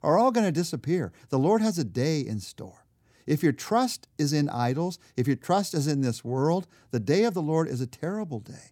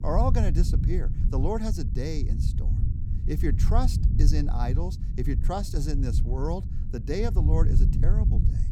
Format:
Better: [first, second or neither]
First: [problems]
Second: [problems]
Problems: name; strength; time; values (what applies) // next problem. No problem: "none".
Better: first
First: none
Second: low rumble; loud; throughout; 8 dB below the speech